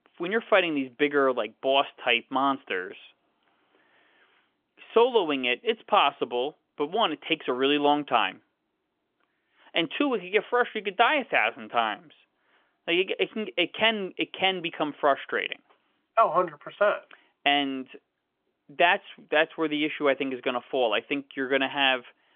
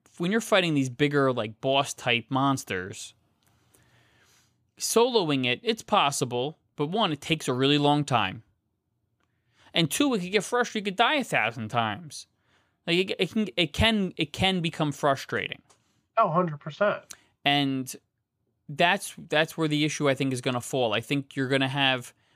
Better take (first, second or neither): second